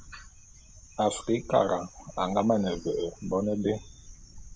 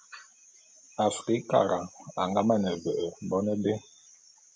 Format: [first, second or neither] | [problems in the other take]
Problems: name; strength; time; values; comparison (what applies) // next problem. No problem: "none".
second | background sound (Traffic noise, roadway noise / Bus); 19 dB below the speech